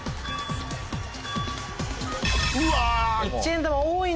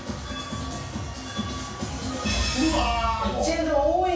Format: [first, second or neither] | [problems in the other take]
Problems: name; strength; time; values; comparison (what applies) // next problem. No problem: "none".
first | room echo; dies away in 0.7 s